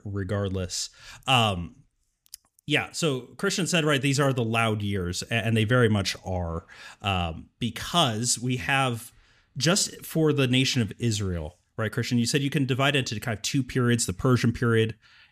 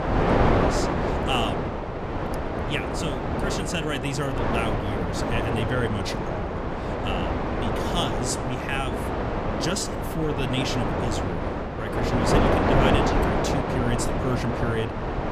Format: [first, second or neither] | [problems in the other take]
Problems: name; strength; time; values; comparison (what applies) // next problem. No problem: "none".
first | wind noise on the microphone; heavy; 4 dB above the speech